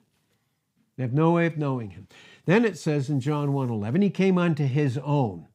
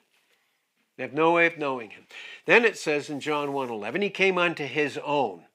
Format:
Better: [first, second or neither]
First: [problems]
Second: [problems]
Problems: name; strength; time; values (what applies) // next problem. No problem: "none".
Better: first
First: none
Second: thin; very; fading below 500 Hz